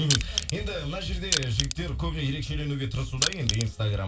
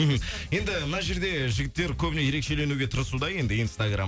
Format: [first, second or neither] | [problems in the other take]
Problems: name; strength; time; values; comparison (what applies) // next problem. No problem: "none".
second | background sound (Crushing); 2 dB below the speech // room echo; dies away in 0.2 s